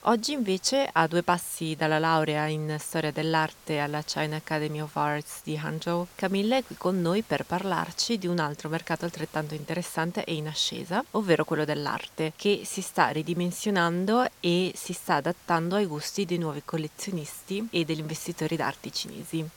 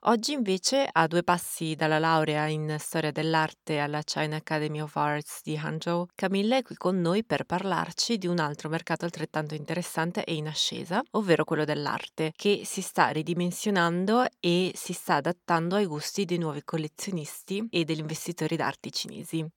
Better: second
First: hiss; faint; throughout; 25 dB below the speech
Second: none

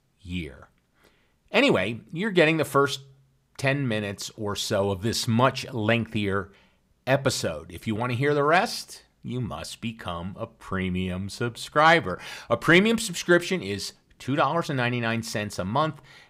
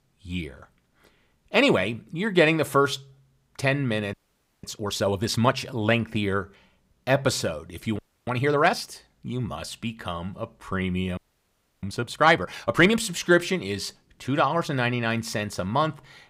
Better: first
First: none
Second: audio freezing; at 4 s, at 8 s and at 11 s for 0.5 s

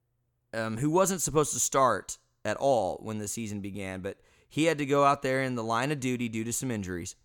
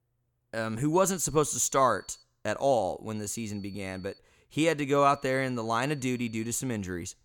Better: first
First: none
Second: high-pitched whine; faint; from 1 to 2 s, from 3 to 4 s and from 5 to 6.5 s; 4.5 kHz, 25 dB below the speech

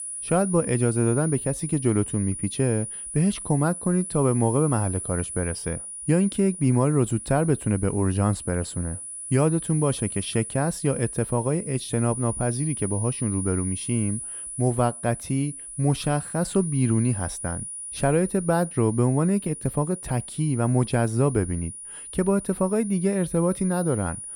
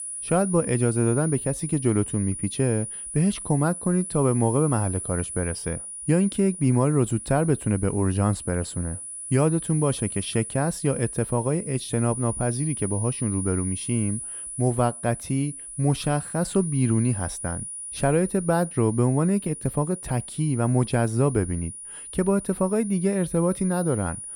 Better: neither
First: high-pitched whine; loud; throughout; 9.5 kHz, 8 dB below the speech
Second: high-pitched whine; loud; throughout; 9.5 kHz, 8 dB below the speech

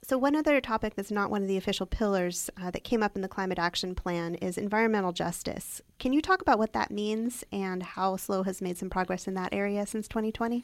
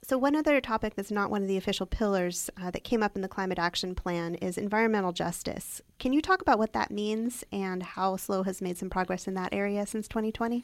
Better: neither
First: none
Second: none

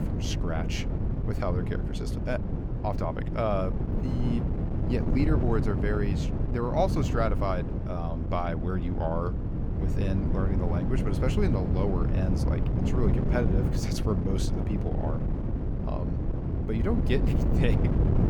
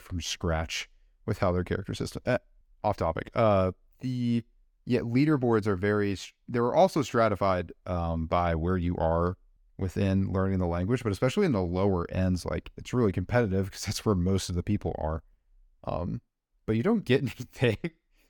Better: second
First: wind noise on the microphone; heavy; 4 dB below the speech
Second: none

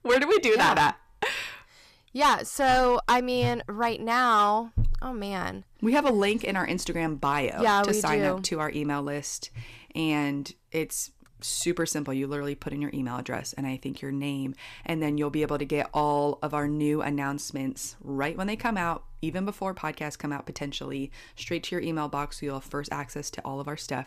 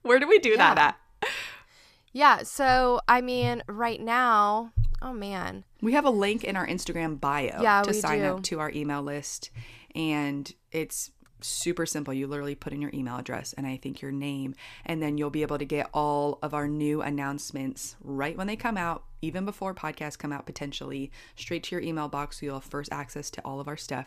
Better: second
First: distortion; slight; 2% of the sound clipped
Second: none

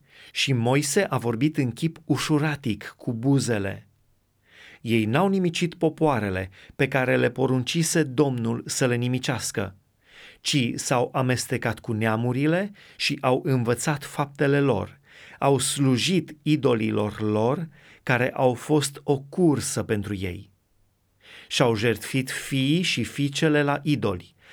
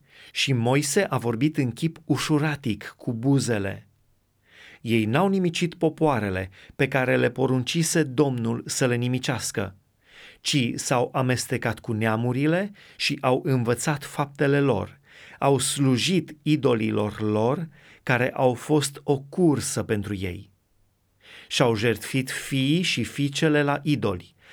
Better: neither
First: none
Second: none

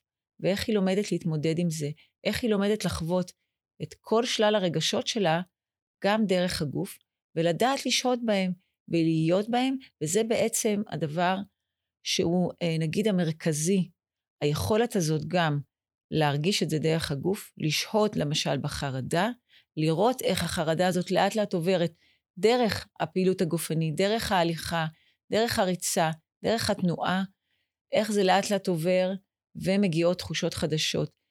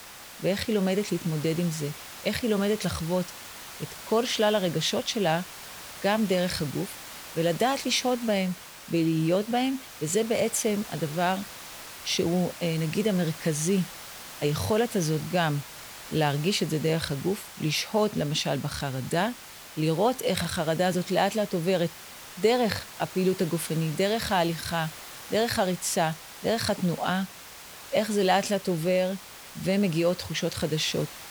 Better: first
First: none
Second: hiss; noticeable; throughout; 15 dB below the speech

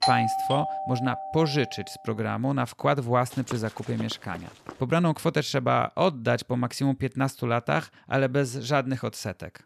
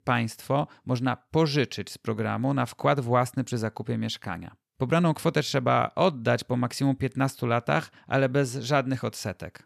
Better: second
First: doorbell; loud; until 1.5 s; peak 3 dB above the speech // footsteps; faint; from 3.5 to 4.5 s; peak 15 dB below the speech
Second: none

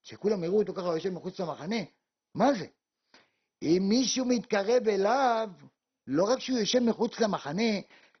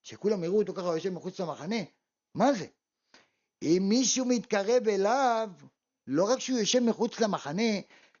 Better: second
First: garbled, watery; badly; nothing above 6 kHz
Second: garbled, watery; slightly; nothing above 6.5 kHz

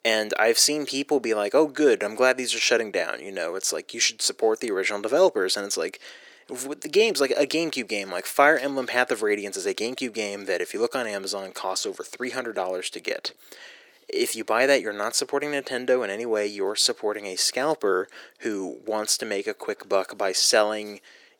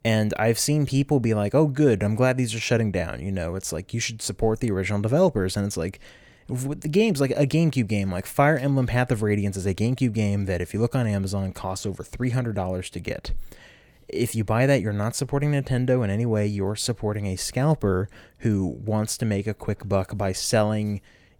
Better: second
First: thin; very; fading below 350 Hz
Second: none

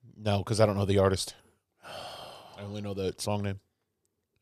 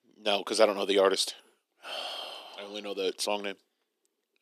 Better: first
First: none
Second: thin; somewhat; fading below 250 Hz

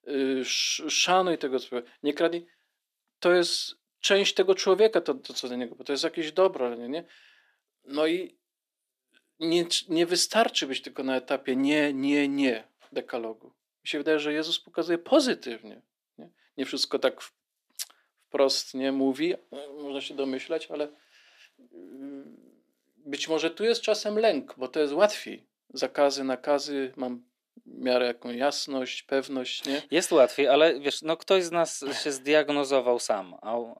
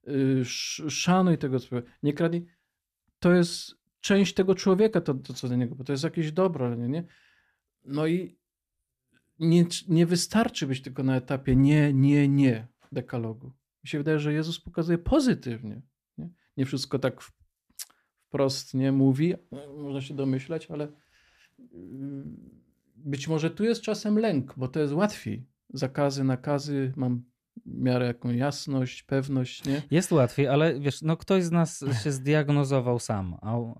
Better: second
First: thin; somewhat; fading below 300 Hz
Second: none

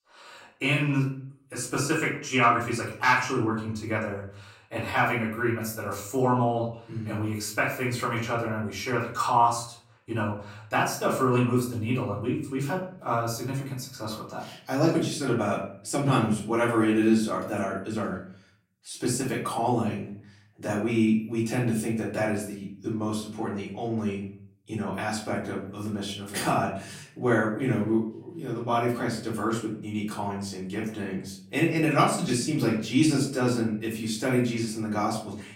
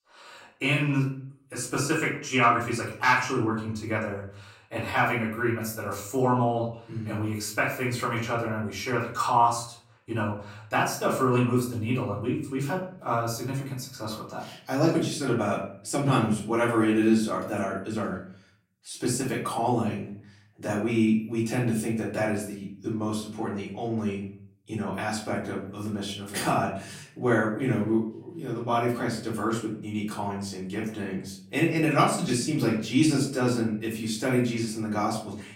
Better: neither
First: off-mic speech; far // room echo; slight; dies away in 0.5 s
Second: off-mic speech; far // room echo; slight; dies away in 0.5 s

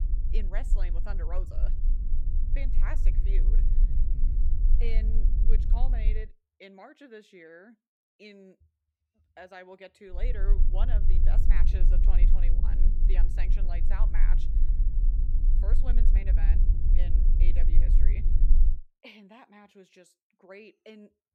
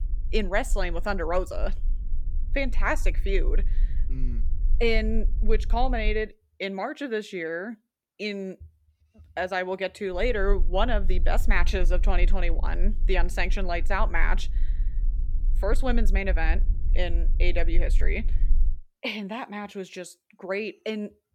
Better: second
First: low rumble; loud; until 6 s and from 10 to 19 s; 4 dB below the speech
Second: low rumble; faint; until 6 s and from 10 to 19 s; 25 dB below the speech

